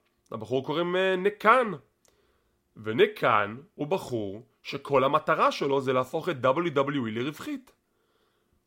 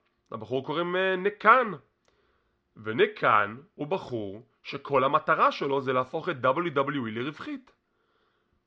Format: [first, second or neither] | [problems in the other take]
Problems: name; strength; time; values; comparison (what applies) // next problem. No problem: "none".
first | muffled; very slightly; fading above 5 kHz